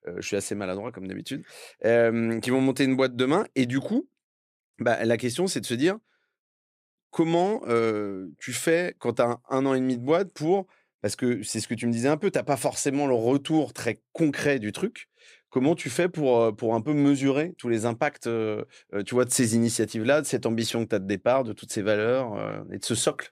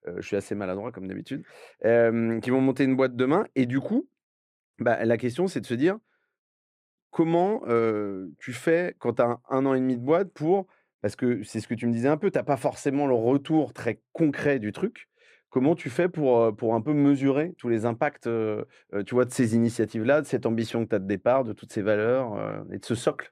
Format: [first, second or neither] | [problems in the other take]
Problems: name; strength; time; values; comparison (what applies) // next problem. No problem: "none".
first | muffled; slightly; fading above 3 kHz